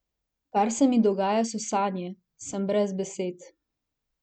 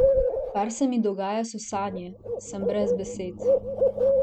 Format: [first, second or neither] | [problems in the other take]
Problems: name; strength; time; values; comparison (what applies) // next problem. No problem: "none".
first | background sound (Bird); 4 dB above the speech